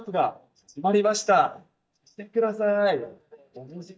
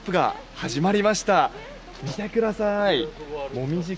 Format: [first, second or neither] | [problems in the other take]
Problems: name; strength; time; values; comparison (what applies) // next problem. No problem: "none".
second | noise reduction (neural mask model DeepFilterNet 3)